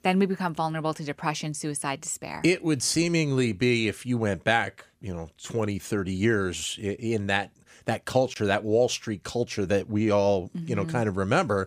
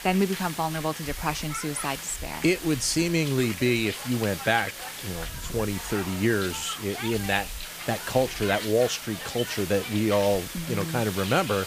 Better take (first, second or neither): first